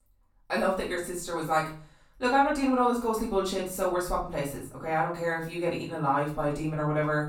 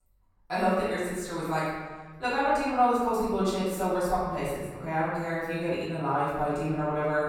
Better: first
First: room echo; slight; dies away in 0.4 s // off-mic speech; far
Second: room echo; strong; dies away in 1.3 s // off-mic speech; far

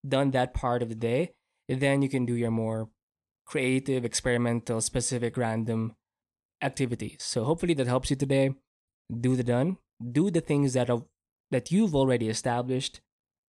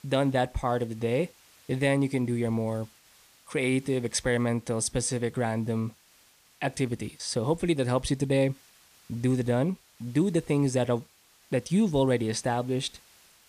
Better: first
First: none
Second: hiss; faint; throughout; 30 dB below the speech

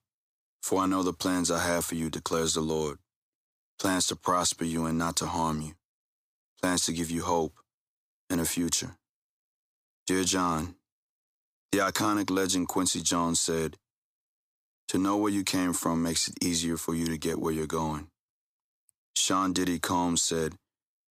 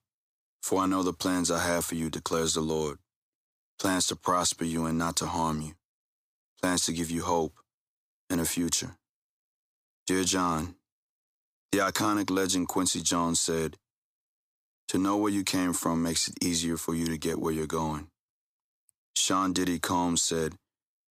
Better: neither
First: none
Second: none

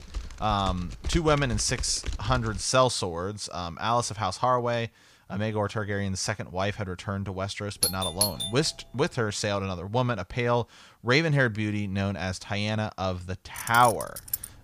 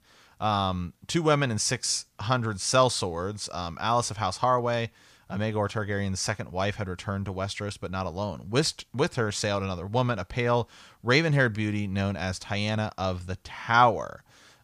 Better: second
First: keyboard typing; noticeable; until 2.5 s; peak 7 dB below the speech // doorbell; loud; at 8 s; peak 1 dB above the speech // jangling keys; noticeable; at 14 s; peak 5 dB below the speech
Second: none

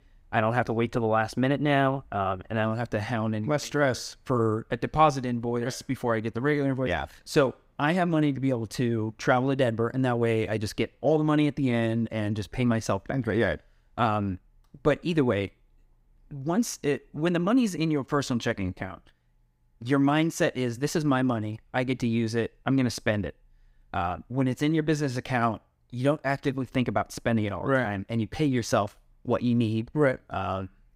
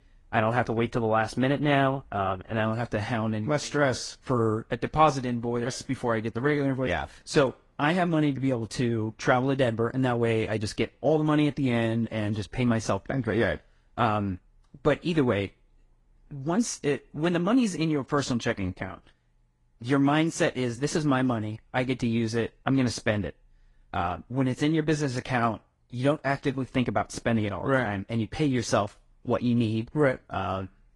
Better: first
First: none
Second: garbled, watery; slightly; nothing above 10.5 kHz

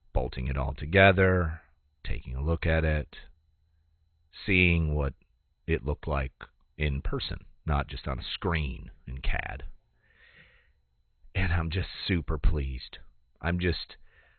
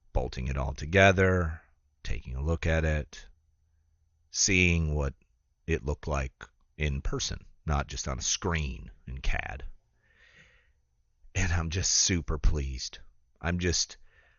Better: second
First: garbled, watery; badly; nothing above 4 kHz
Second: garbled, watery; slightly; nothing above 6.5 kHz

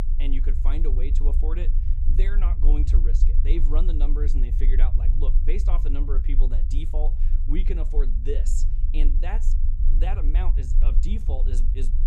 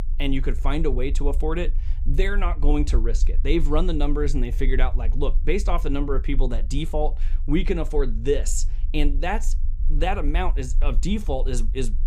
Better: second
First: low rumble; loud; throughout; 7 dB below the speech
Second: low rumble; faint; throughout; 20 dB below the speech

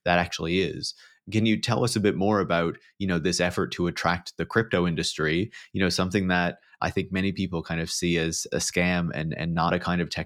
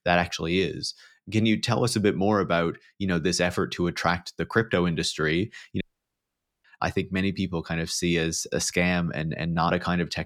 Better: first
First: none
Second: audio cutting out; at 6 s for 1 s

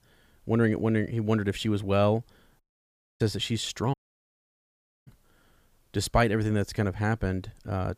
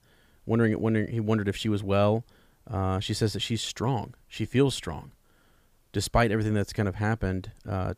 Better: second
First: audio cutting out; at 2.5 s for 0.5 s and at 4 s for 1 s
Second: none

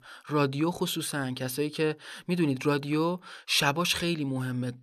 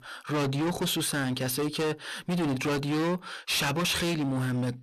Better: first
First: none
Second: distortion; heavy; 29% of the sound clipped

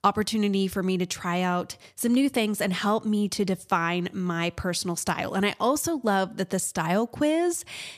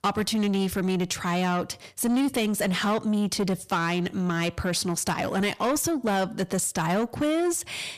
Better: first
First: none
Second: distortion; slight; 10 dB below the speech

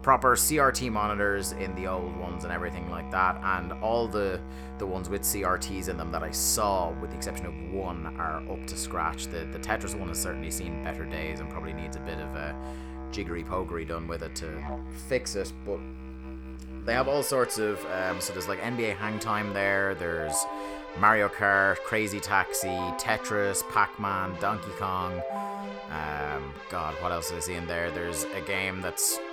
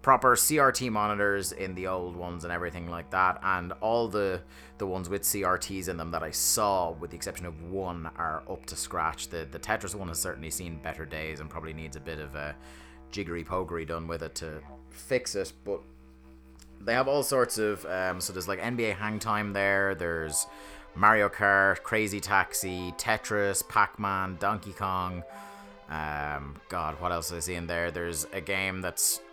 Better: second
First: background music; loud; throughout; 9 dB below the speech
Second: background music; faint; throughout; 20 dB below the speech

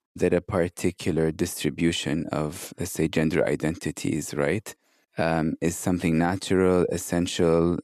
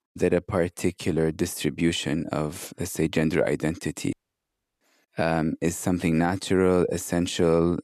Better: first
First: none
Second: audio cutting out; at 4 s for 0.5 s

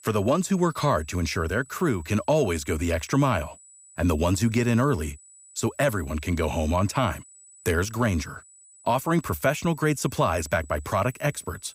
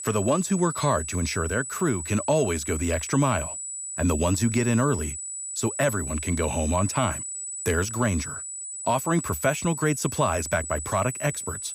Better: first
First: high-pitched whine; faint; throughout; 8 kHz, 25 dB below the speech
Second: high-pitched whine; loud; throughout; 8 kHz, 6 dB below the speech

